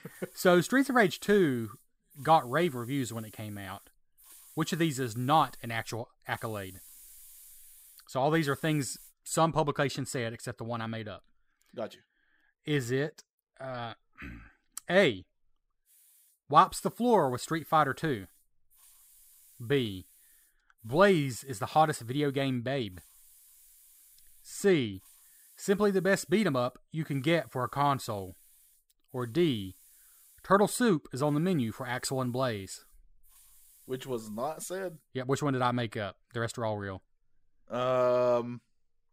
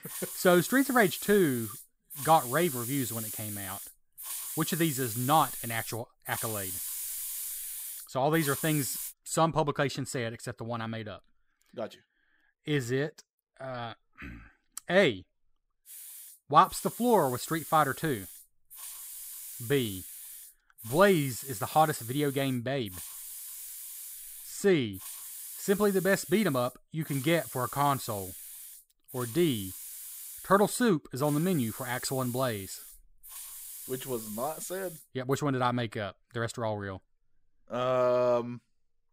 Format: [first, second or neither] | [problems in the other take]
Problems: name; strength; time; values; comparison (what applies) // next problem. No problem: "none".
first | hiss; loud; until 9 s and from 16 to 35 s; 9 dB below the speech; faint in the first